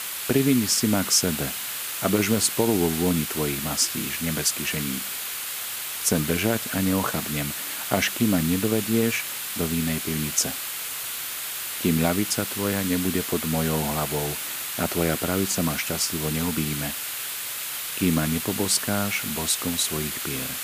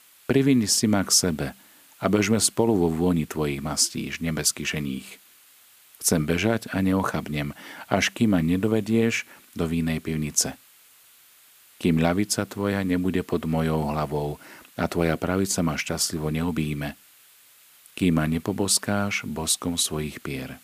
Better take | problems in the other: second | hiss; loud; throughout; 3 dB below the speech; faint in the second

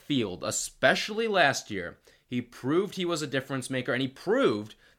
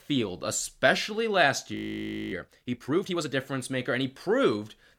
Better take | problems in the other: first | audio freezing; at 2 s for 0.5 s

